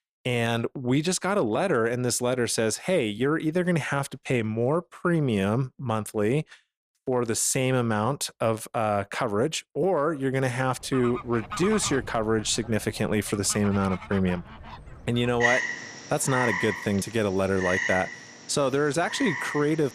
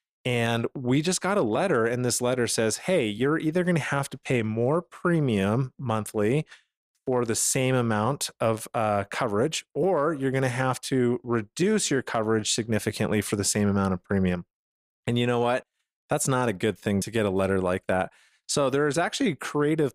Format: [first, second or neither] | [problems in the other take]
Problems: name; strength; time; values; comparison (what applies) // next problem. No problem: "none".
second | animal sounds; loud; from 11 s on; 5 dB below the speech